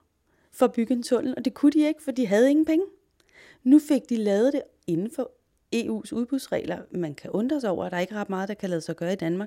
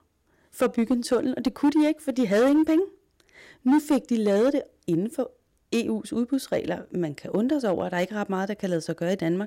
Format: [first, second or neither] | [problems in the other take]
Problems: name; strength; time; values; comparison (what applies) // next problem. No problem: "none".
first | distortion; slight; 5% of the sound clipped